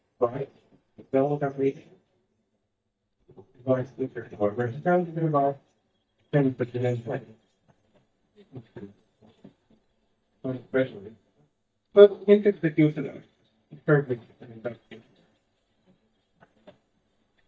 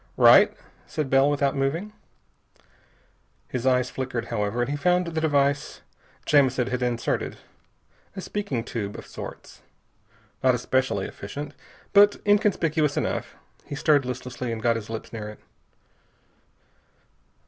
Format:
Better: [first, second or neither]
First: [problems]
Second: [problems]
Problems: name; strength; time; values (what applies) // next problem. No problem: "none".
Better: second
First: noise reduction (neural mask model DeepFilterNet 3)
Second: none